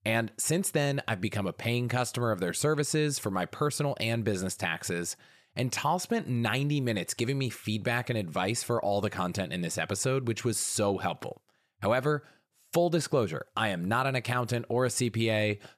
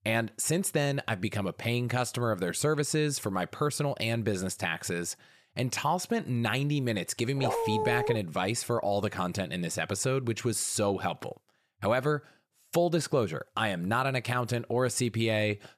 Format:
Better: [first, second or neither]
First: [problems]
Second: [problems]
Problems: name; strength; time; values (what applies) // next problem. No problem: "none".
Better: first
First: none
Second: dog barking; noticeable; at 7.5 s; peak level with the speech